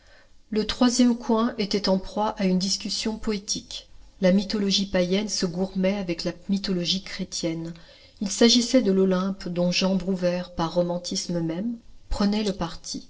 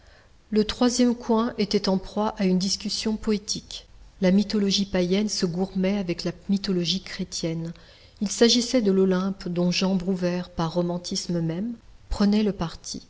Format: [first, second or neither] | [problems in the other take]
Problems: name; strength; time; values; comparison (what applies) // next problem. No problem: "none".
second | noise reduction (neural separator model SepFormer DNS4)